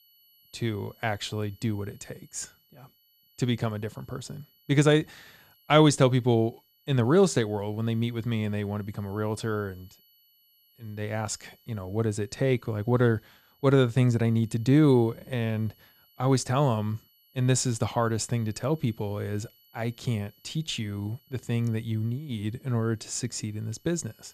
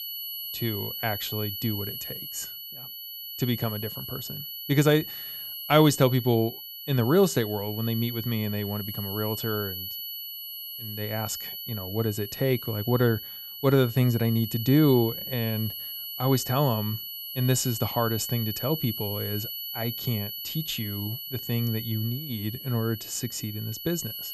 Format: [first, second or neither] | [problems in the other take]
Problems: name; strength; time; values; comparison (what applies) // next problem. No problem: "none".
first | high-pitched whine; loud; throughout; 3 kHz, 7 dB below the speech; faint in the first